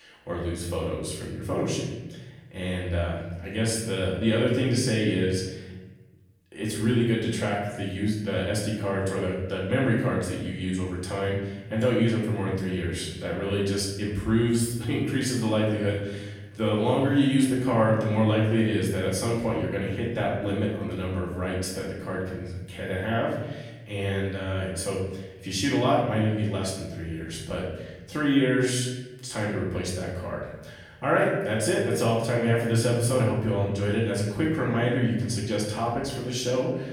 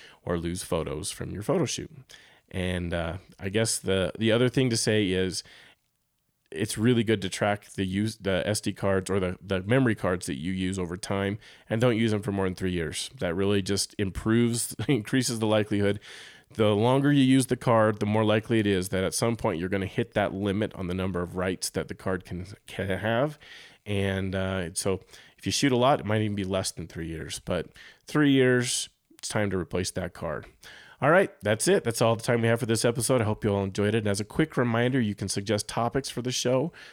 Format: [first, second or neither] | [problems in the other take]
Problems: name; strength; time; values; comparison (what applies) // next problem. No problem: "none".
second | off-mic speech; far // room echo; noticeable; dies away in 1.1 s